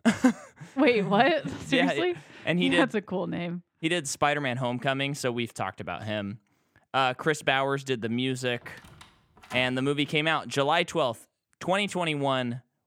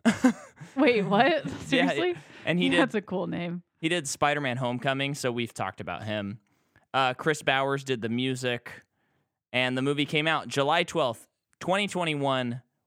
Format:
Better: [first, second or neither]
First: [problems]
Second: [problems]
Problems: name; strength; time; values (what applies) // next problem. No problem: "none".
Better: second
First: door banging; faint; from 8.5 to 10 s; peak 15 dB below the speech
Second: none